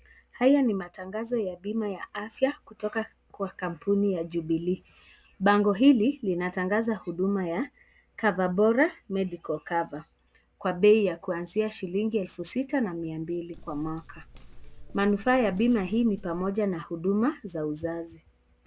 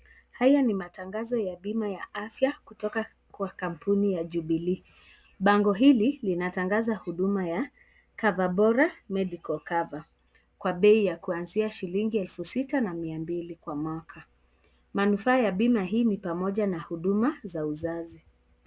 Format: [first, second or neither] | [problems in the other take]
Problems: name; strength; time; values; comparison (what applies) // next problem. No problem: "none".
second | background sound (Walk, footsteps); 17 dB below the speech